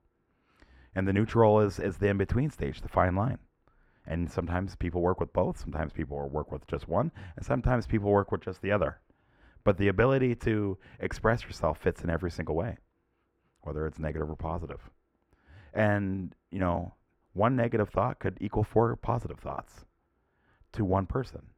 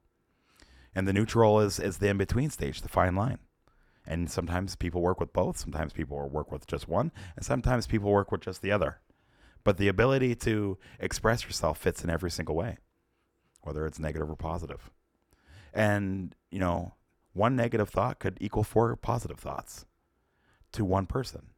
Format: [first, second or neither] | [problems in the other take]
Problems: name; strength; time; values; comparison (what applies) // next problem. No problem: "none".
second | muffled; slightly; fading above 3.5 kHz